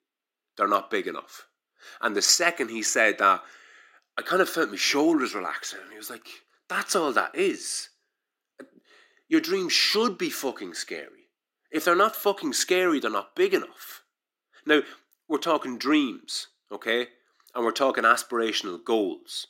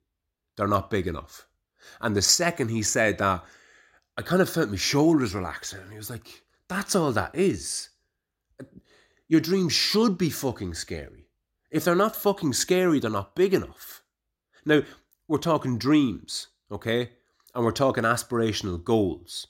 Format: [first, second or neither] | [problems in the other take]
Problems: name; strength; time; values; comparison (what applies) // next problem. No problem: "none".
second | thin; somewhat; fading below 250 Hz